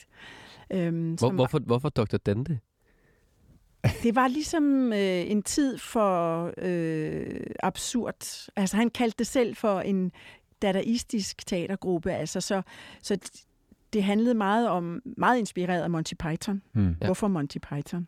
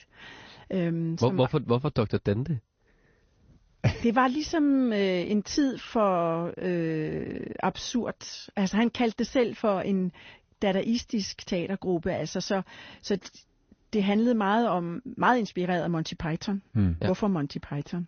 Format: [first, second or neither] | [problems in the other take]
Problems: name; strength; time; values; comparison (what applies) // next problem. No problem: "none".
first | garbled, watery; slightly; nothing above 6.5 kHz